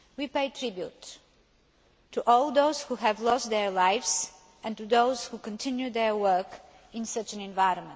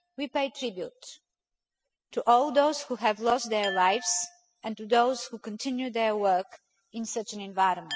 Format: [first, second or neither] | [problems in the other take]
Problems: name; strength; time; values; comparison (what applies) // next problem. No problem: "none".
first | noise reduction (classical method spectral subtraction)